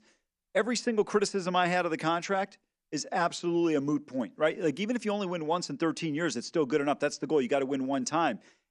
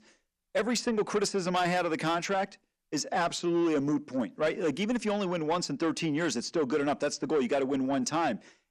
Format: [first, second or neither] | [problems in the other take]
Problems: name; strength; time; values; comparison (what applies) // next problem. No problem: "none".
first | distortion; slight; 10 dB below the speech